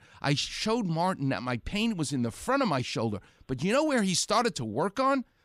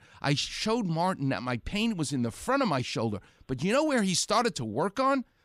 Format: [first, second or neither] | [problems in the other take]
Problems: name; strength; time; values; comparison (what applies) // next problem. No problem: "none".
neither | none